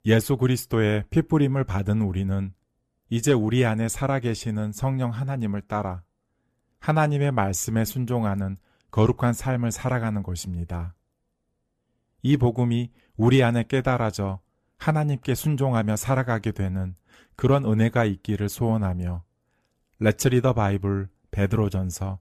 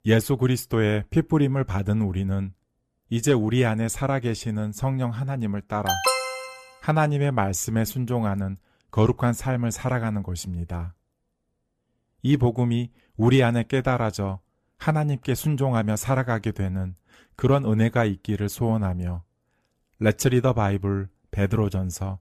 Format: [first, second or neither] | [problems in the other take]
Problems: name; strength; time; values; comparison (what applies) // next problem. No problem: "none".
first | alarm; loud; at 6 s; peak 2 dB above the speech